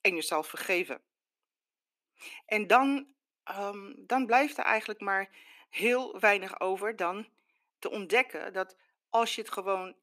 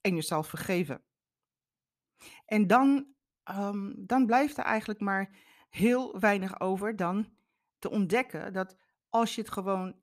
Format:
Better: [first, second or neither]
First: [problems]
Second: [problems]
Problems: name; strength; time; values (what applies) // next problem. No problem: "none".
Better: second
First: thin; somewhat; fading below 300 Hz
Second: none